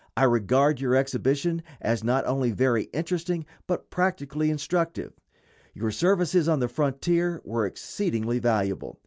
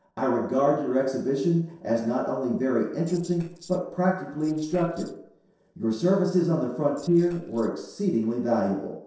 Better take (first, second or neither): first